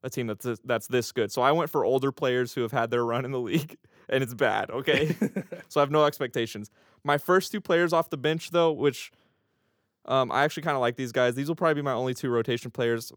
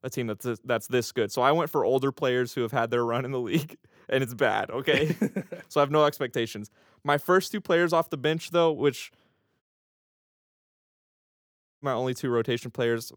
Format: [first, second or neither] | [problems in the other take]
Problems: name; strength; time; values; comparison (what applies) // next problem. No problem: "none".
first | audio cutting out; at 9.5 s for 2 s